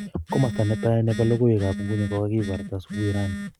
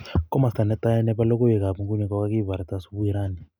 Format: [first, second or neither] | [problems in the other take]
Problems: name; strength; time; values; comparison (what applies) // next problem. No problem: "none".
second | noise reduction (neural mask model RNNoise)